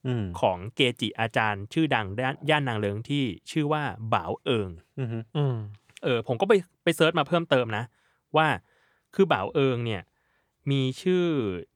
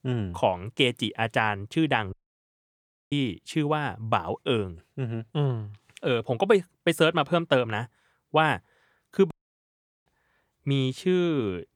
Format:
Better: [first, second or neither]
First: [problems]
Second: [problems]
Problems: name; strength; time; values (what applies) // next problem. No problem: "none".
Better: first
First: none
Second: audio cutting out; at 2 s for 1 s and at 9.5 s for 1 s